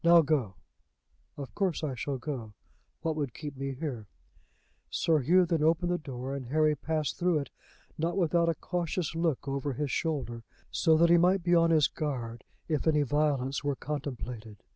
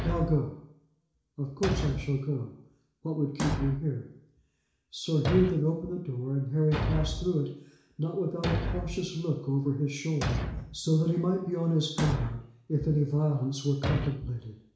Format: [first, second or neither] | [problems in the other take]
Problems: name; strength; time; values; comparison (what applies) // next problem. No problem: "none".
first | background sound (Thump, thud); 6 dB below the speech // room echo; dies away in 0.7 s